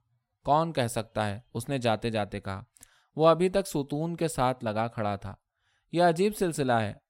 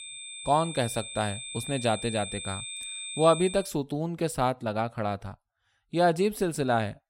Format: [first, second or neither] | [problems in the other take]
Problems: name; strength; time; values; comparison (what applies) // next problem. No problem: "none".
first | high-pitched whine; loud; until 3.5 s; 3.5 kHz, 8 dB below the speech